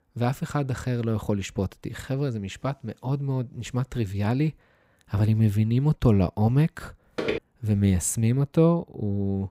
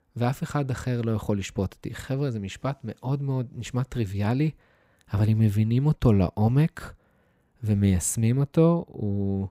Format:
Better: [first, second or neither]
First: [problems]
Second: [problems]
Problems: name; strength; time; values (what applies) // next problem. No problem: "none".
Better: second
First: footsteps; noticeable; at 7 s; peak 4 dB below the speech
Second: none